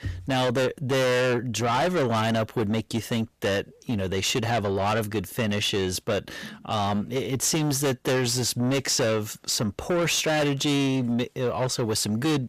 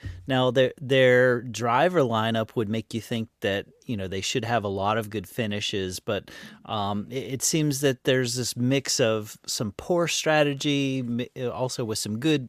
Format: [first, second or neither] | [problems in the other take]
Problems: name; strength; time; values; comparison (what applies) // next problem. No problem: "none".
second | distortion; heavy; 6 dB below the speech